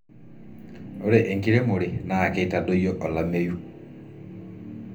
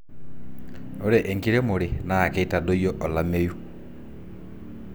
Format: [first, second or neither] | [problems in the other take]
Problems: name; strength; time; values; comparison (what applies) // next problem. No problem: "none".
second | room echo; dies away in 0.3 s